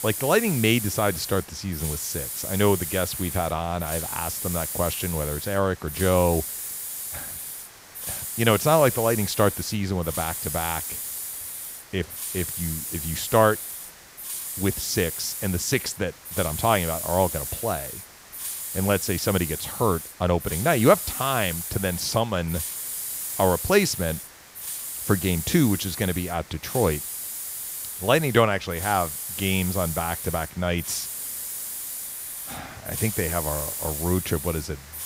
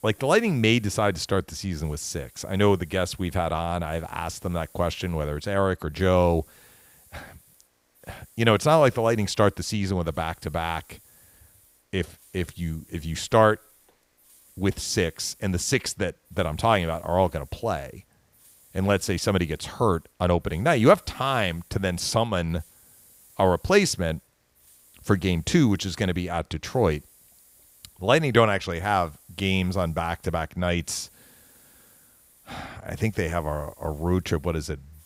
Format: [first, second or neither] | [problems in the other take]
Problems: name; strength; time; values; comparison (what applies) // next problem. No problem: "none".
second | hiss; loud; throughout; 6 dB below the speech; faint in the second